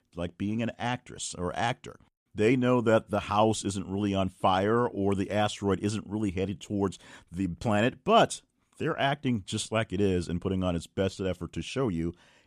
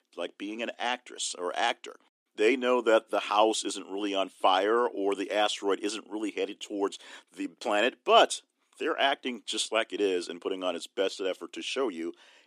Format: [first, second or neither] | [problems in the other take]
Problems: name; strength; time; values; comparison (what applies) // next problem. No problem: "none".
first | thin; somewhat; fading below 300 Hz